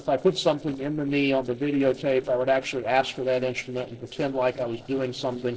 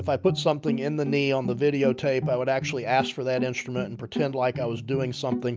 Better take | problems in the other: second | noise reduction (neural separator model SepFormer DNS4)

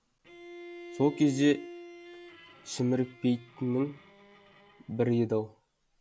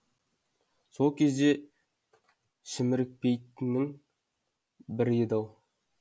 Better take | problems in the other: second | background sound (Bowed string instrument); 18 dB below the speech

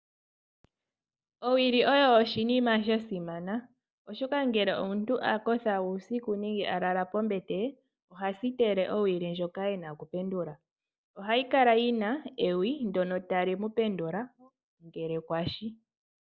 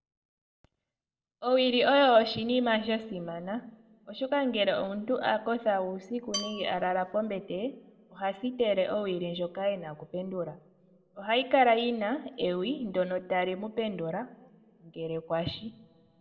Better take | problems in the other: first | background sound (Dishes, pots, and pans / Glass / Bell); 11 dB below the speech // room echo; dies away in 0.9 s

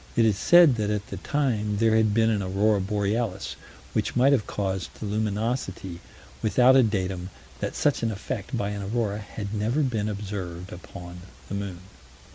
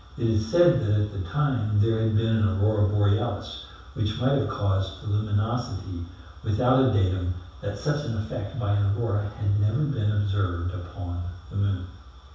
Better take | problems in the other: first | room echo; dies away in 0.7 s

